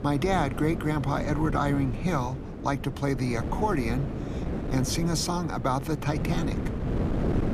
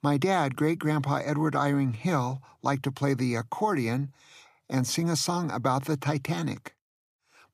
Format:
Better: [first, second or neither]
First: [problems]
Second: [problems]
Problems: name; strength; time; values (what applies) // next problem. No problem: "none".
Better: second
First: wind noise on the microphone; heavy; 8 dB below the speech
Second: none